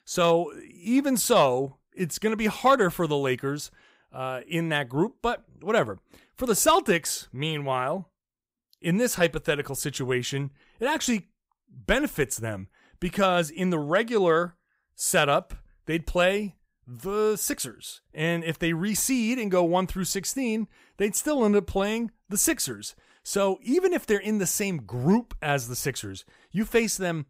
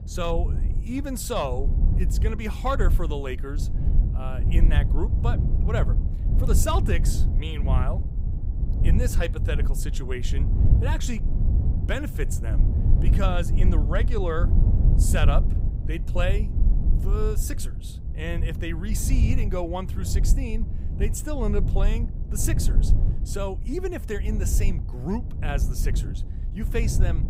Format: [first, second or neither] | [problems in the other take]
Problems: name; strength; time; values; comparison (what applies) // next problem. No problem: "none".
first | low rumble; loud; throughout; 8 dB below the speech